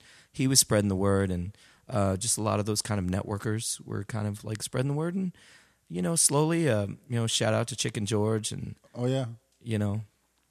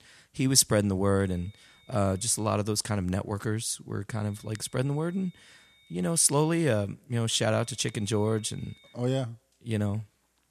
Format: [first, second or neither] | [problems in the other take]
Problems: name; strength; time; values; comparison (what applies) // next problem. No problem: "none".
first | high-pitched whine; faint; from 1 to 2.5 s, from 4 to 7 s and from 7.5 to 9 s; 3.5 kHz, 30 dB below the speech